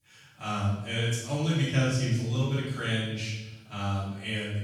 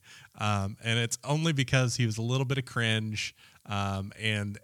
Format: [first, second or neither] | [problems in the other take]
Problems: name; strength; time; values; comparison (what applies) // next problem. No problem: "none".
second | off-mic speech; far // room echo; strong; dies away in 0.9 s